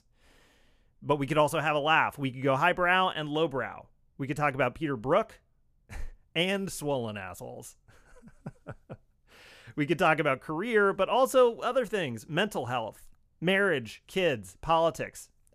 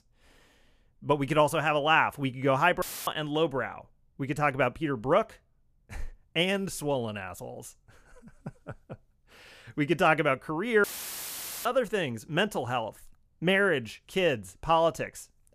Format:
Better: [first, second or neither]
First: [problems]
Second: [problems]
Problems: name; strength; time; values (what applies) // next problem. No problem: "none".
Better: first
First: none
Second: audio cutting out; filled with static; at 3 s and at 11 s for 1 s